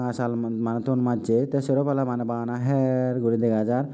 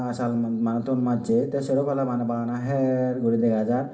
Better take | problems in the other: first | room echo; dies away in 0.7 s

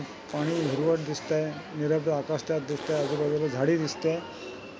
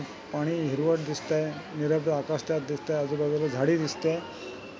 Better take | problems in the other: second | background sound (Zipper (clothing)); 13 dB below the speech

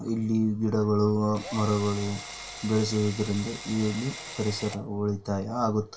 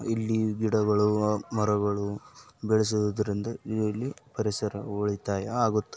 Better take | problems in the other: second | background sound (Drill); 13 dB below the speech // room echo; dies away in 0.2 s

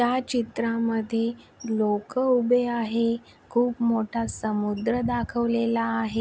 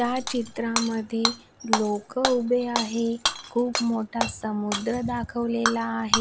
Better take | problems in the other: first | background sound (Shatter / Hammer); 4 dB below the speech

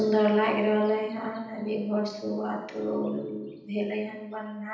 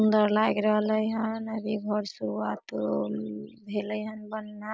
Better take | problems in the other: second | room echo; dies away in 0.9 s

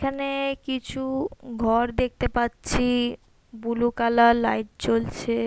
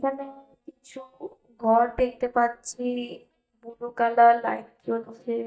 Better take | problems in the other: first | noise reduction (neural mask model DeepFilterNet 3)

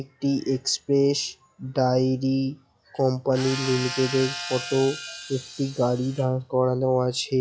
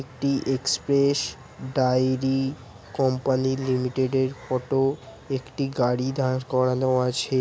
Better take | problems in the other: second | noise reduction (classical method log-MMSE)

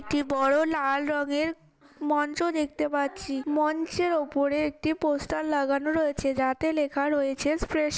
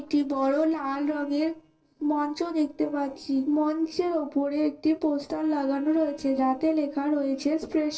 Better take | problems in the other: first | noise reduction (neural separator model SepFormer DNS4)

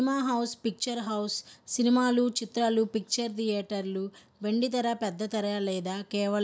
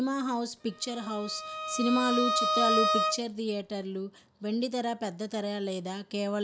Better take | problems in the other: first | background sound (Bowed string instrument); as loud as the speech

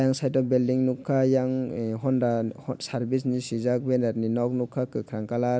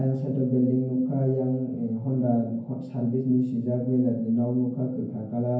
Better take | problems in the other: first | room echo; dies away in 0.9 s

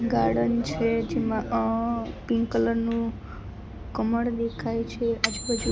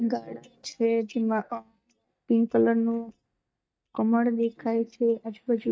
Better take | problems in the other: first | noise reduction (neural mask model DeepFilterNet 3)

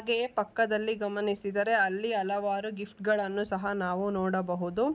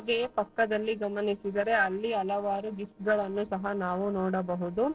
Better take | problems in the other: first | noise reduction (neural separator model SepFormer DNS4)

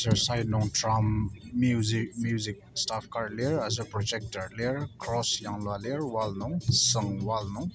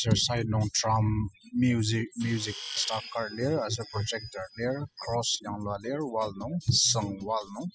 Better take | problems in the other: first | noise reduction (classical method spectral subtraction)

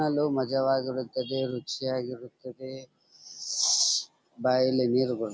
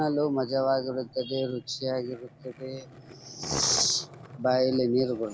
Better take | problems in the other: first | background sound (Skateboard); 15 dB below the speech

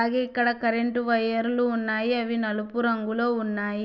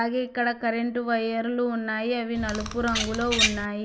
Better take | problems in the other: first | background sound (Bird vocalization, bird call, bird song); 1 dB below the speech

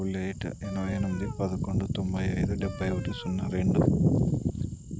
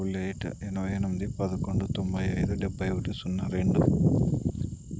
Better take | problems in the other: second | background sound (Wind instrument, woodwind instrument); 20 dB below the speech

